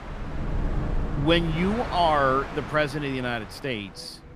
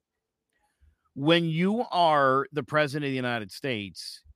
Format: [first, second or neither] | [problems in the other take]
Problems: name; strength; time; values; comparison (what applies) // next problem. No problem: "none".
second | train or aircraft noise; loud; throughout; 8 dB below the speech